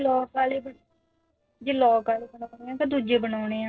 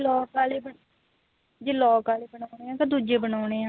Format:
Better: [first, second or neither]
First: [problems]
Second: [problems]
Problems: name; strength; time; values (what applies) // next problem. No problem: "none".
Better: second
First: noise reduction (neural separator model SepFormer DNS4)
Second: none